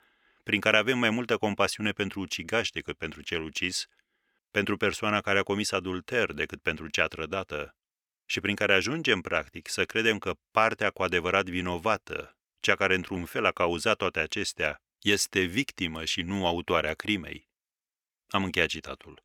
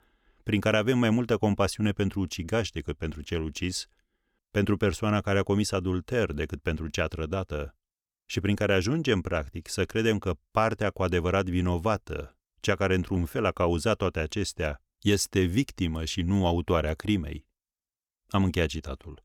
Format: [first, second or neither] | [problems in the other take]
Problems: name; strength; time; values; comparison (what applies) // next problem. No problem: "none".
second | thin; somewhat; fading below 650 Hz